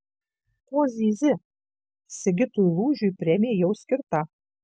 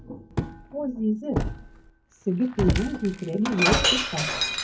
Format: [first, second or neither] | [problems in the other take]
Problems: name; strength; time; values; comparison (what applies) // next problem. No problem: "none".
first | background sound (Shatter); 1 dB above the speech // room echo; dies away in 0.3 s